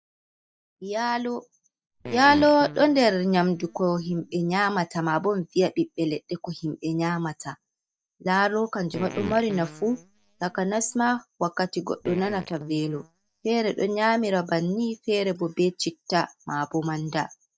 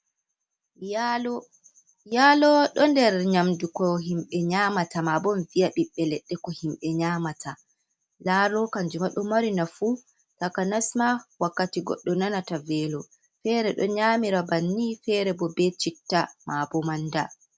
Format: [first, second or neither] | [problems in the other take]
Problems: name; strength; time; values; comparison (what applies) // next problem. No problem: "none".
second | noise reduction (neural mask model DeepFilterNet 3)